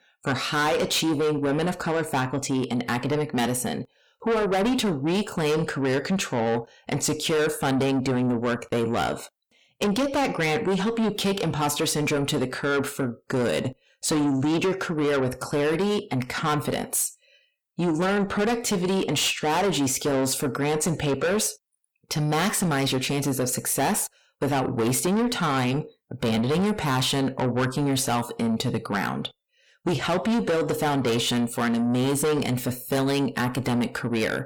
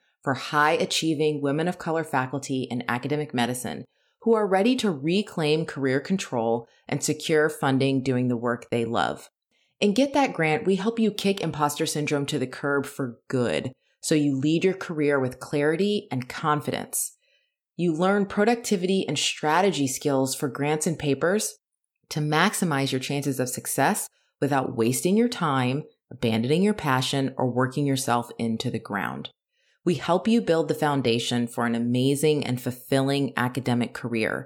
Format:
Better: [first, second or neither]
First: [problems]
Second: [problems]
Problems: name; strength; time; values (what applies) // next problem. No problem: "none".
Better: second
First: distortion; heavy; 7 dB below the speech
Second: none